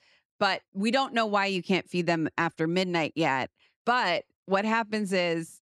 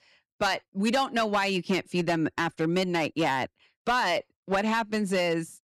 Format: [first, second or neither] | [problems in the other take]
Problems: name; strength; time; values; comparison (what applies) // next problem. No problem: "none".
first | distortion; slight; 6% of the sound clipped